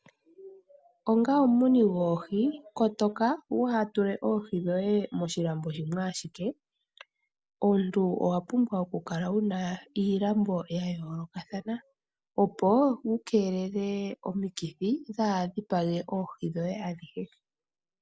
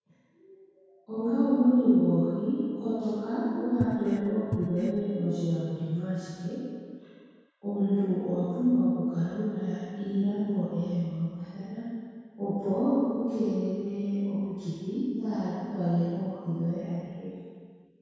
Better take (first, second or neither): first